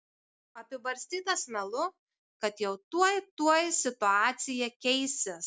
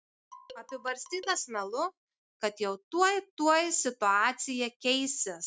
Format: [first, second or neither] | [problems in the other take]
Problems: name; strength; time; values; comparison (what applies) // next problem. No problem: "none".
first | noise reduction (neural mask model RNNoise)